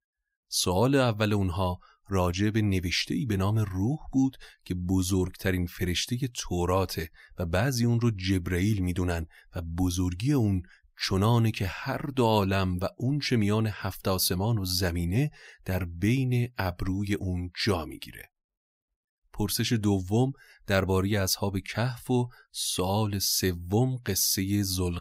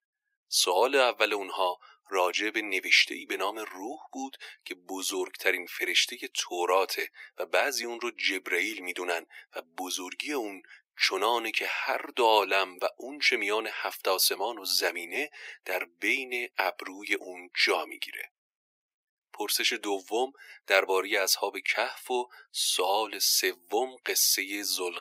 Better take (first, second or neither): first